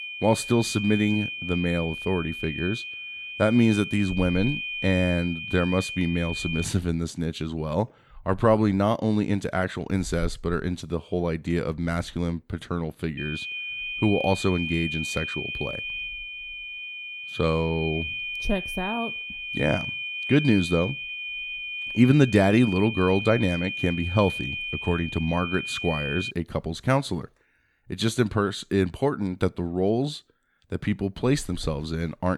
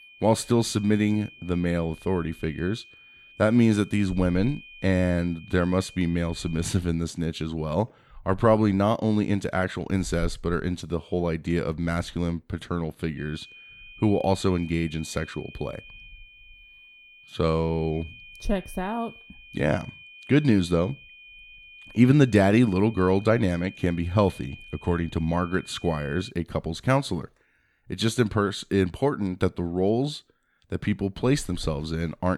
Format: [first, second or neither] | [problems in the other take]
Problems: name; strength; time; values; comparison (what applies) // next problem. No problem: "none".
second | high-pitched whine; loud; until 6.5 s and from 13 to 26 s; 2.5 kHz, 6 dB below the speech; faint in the second